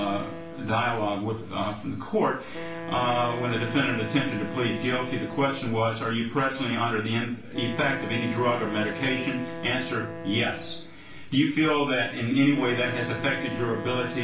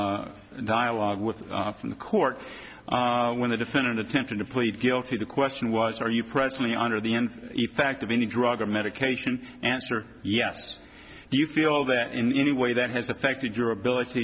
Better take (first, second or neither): second